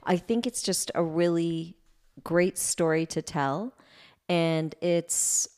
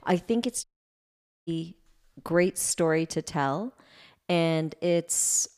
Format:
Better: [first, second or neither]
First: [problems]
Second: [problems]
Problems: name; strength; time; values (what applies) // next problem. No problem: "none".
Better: first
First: none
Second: audio cutting out; at 0.5 s for 1 s